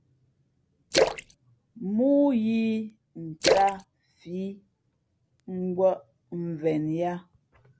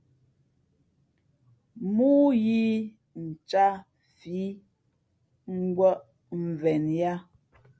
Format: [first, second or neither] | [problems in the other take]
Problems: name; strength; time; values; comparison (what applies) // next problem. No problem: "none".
second | background sound (Splash, splatter); 2 dB below the speech